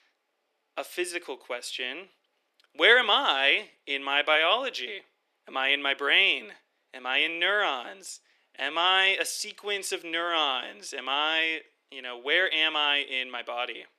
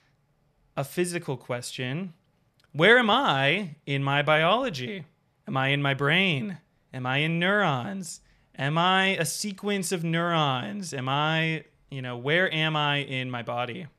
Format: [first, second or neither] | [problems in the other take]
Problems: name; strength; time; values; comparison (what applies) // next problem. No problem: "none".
second | thin; very; fading below 300 Hz